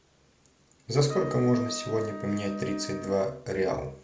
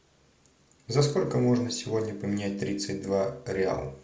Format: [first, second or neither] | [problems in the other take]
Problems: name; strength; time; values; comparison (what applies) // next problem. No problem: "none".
second | background sound (Trumpet); 12 dB below the speech